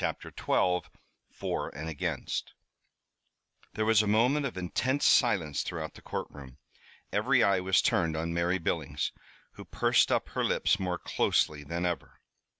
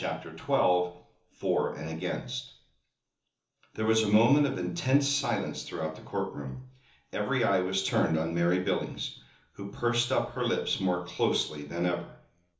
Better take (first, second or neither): first